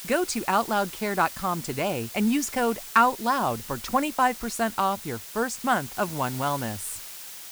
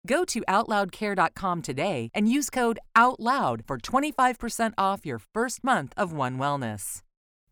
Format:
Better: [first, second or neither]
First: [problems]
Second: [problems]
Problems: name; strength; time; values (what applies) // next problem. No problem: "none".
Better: second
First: hiss; noticeable; throughout; 10 dB below the speech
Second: none